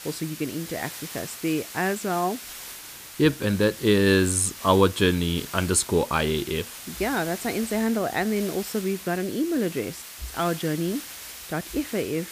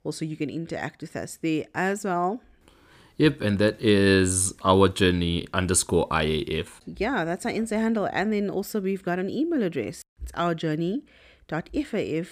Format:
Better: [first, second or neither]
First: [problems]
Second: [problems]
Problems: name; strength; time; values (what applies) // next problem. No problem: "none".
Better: second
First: hiss; noticeable; throughout; 10 dB below the speech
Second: none